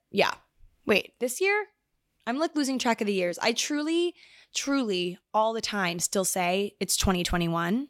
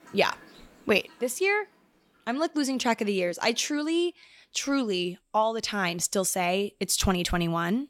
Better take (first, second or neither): first